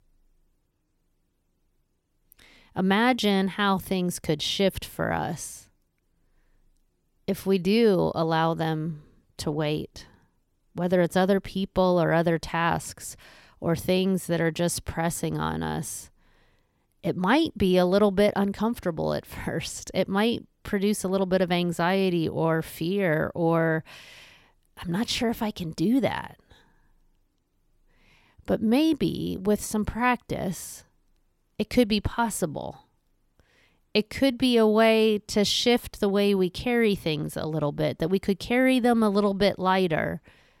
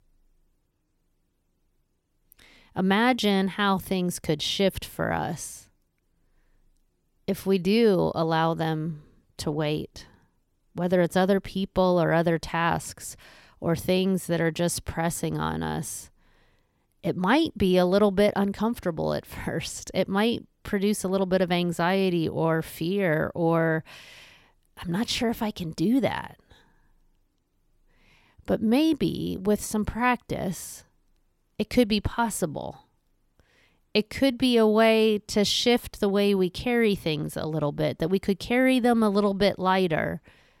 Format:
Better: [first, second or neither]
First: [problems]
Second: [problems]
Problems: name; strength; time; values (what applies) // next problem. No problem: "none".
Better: neither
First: none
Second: none